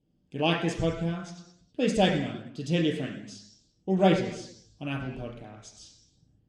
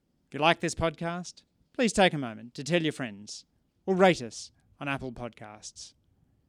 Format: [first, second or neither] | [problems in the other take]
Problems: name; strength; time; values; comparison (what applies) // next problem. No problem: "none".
second | room echo; noticeable; dies away in 0.9 s // off-mic speech; somewhat distant